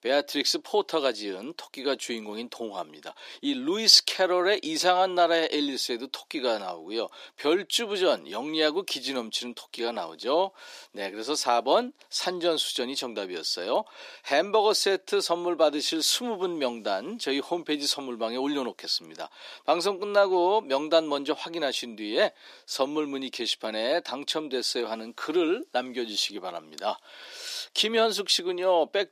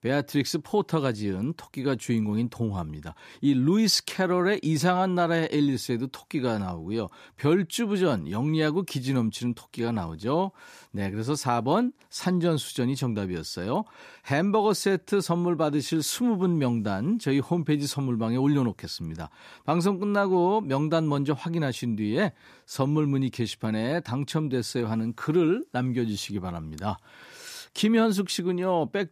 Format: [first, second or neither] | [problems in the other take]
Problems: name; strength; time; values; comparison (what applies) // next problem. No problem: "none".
second | thin; very; fading below 300 Hz